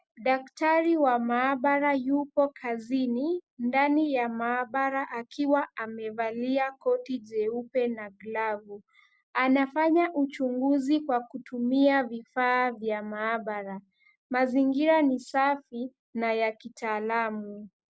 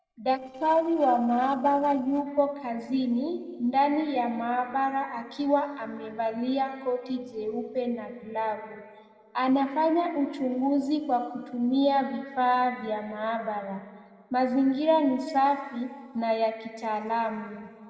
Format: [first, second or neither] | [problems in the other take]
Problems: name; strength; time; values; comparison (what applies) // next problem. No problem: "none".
first | noise reduction (neural separator model SepFormer DNS4)